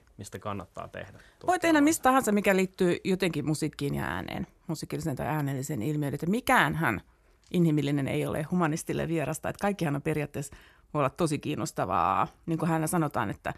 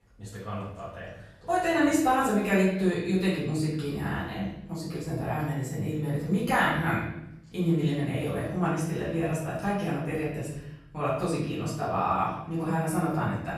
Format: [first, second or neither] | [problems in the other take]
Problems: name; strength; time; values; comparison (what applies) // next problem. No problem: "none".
first | off-mic speech; far // room echo; noticeable; dies away in 0.8 s